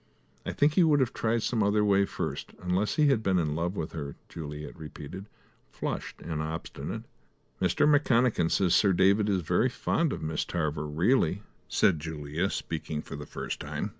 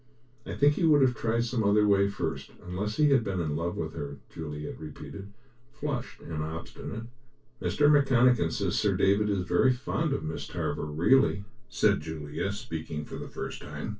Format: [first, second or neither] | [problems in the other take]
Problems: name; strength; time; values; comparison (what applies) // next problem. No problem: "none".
first | room echo; dies away in 0.2 s